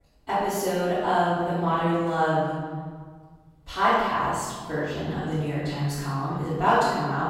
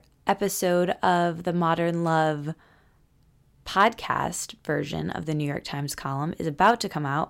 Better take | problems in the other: second | off-mic speech; far // room echo; strong; dies away in 1.4 s

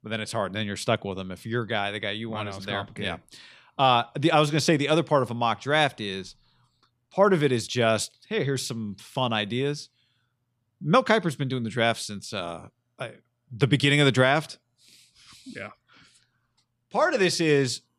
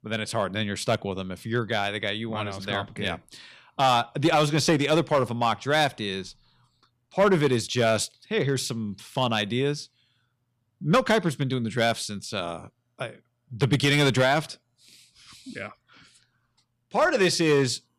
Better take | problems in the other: first | distortion; slight; 2% of the sound clipped

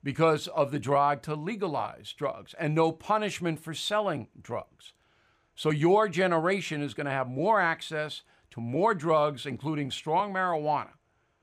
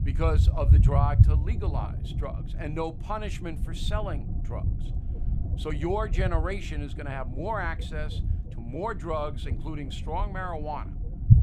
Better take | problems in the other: first | low rumble; loud; throughout; 10 dB below the speech

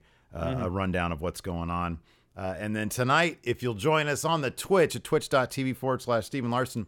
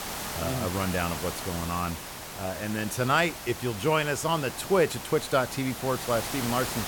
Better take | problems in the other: first | hiss; loud; throughout; 7 dB below the speech

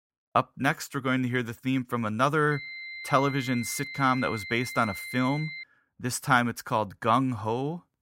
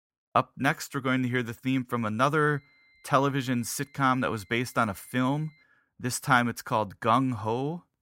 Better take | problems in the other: second | high-pitched whine; loud; from 2.5 to 5.5 s; 2 kHz, 10 dB below the speech; faint in the second

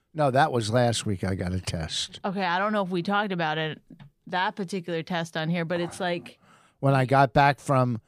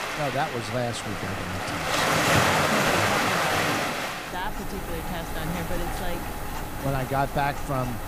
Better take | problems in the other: first | rain or running water; very loud; throughout; 5 dB above the speech

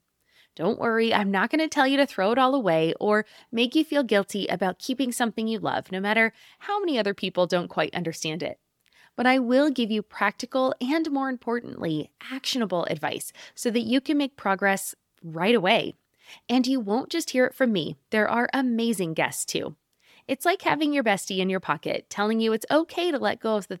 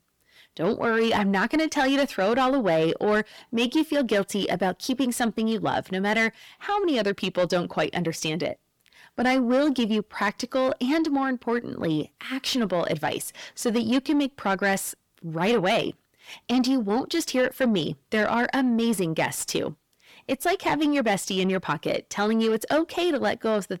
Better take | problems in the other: first | distortion; slight; 10 dB below the speech

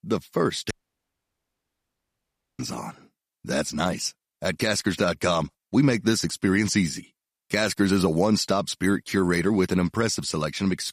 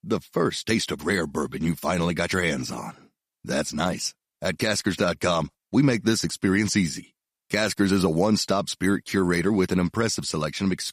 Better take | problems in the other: second | audio cutting out; at 0.5 s for 2 s

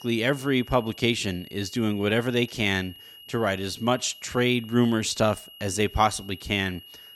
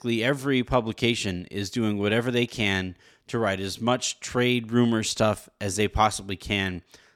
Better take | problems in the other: second | high-pitched whine; noticeable; throughout; 3 kHz, 20 dB below the speech

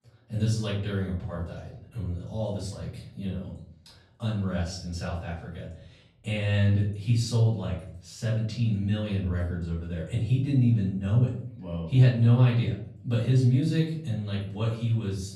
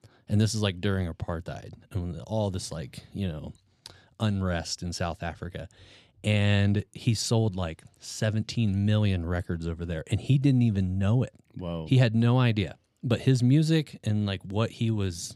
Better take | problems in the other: second | off-mic speech; far // room echo; noticeable; dies away in 0.5 s

